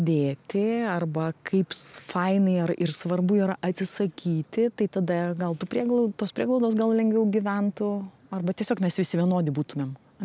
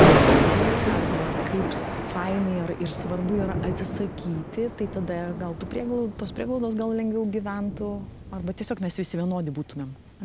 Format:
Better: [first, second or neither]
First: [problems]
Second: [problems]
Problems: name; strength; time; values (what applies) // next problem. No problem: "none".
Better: first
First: none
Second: background sound (Thunder); 3 dB above the speech